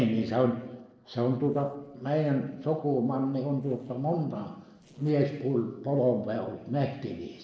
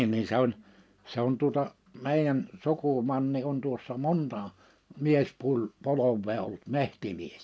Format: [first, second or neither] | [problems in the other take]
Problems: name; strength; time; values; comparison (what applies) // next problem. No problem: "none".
second | noise reduction (neural separator model SepFormer DNS4)